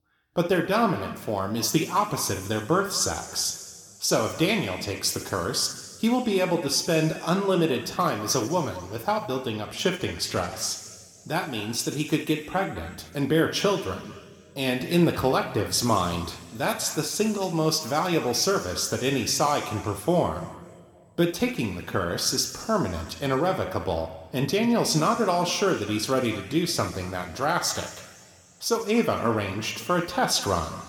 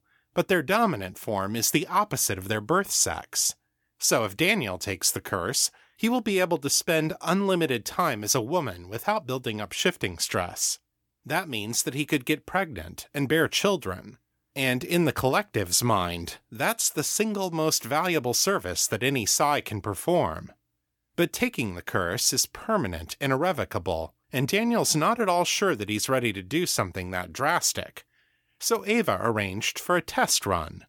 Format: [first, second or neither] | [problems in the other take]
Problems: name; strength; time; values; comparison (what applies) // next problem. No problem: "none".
second | room echo; slight; dies away in 2.3 s